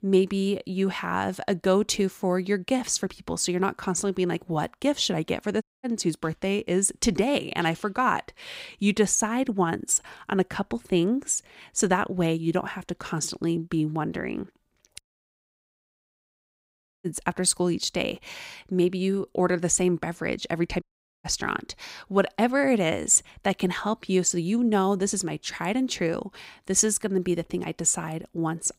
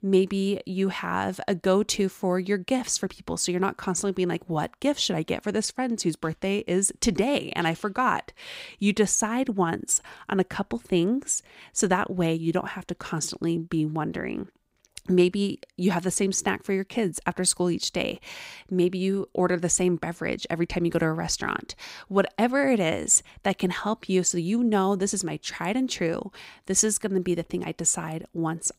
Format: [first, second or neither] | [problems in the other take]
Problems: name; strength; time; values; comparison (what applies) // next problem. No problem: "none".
second | audio cutting out; at 5.5 s, at 15 s for 2 s and at 21 s